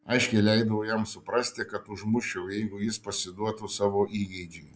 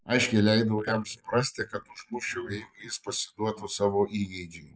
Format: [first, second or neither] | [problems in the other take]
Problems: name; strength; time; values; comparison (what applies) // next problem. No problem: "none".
first | noise reduction (neural mask model Resemble Enhance denoiser)